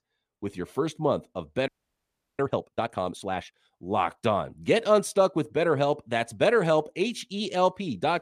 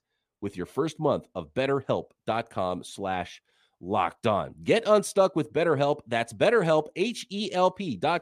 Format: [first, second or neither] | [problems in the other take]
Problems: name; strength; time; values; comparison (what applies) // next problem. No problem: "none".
second | audio freezing; at 1.5 s for 0.5 s